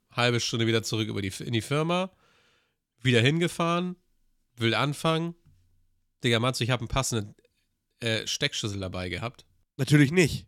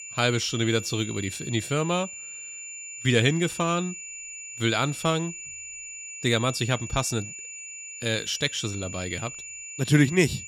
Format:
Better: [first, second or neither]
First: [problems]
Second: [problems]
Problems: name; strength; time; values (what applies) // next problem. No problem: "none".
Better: first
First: none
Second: high-pitched whine; noticeable; throughout; 7 kHz, 10 dB below the speech